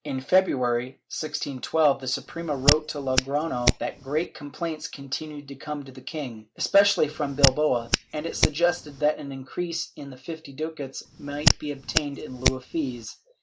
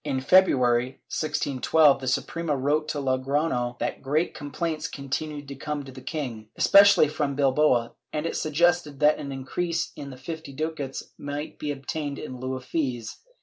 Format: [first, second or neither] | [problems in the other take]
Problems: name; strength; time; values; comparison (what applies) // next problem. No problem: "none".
second | background sound (Hands); as loud as the speech